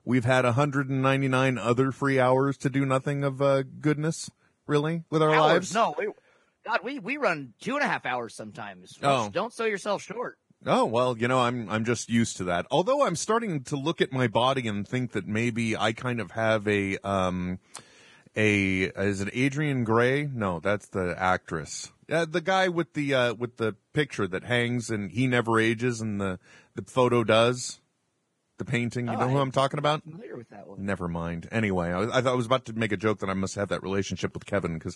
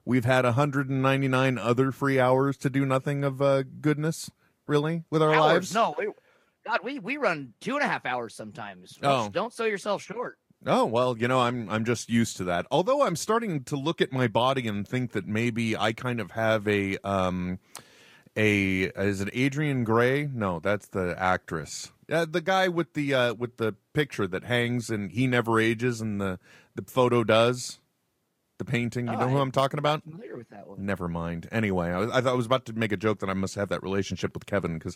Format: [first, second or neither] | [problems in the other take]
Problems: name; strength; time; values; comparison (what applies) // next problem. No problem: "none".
second | garbled, watery; badly; nothing above 10 kHz; slightly in the second